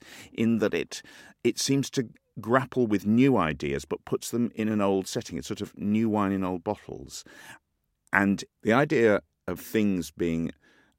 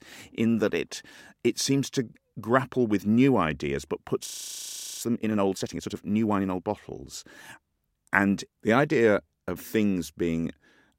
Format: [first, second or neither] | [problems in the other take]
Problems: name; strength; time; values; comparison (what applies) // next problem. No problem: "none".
first | audio freezing; at 4.5 s for 1 s